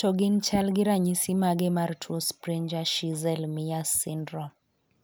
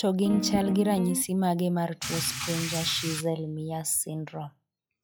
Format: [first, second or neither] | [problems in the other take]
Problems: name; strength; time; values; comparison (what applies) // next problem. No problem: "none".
first | noise reduction (classical method log-MMSE)